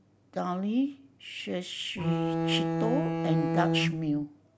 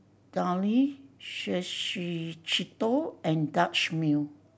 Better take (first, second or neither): second